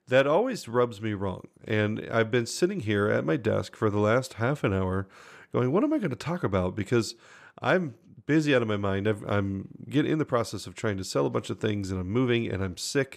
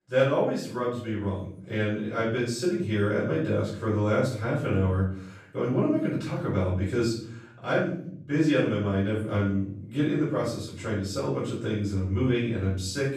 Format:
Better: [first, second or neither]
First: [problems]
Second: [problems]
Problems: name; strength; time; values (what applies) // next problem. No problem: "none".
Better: first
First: none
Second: off-mic speech; far // room echo; noticeable; dies away in 0.6 s